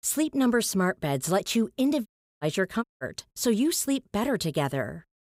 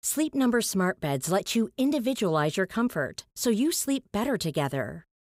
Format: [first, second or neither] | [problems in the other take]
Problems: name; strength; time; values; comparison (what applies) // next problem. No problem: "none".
second | audio cutting out; at 2 s and at 3 s